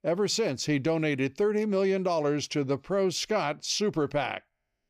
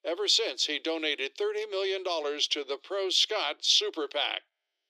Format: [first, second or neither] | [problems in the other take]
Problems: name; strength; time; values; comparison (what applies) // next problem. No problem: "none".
first | thin; very; fading below 300 Hz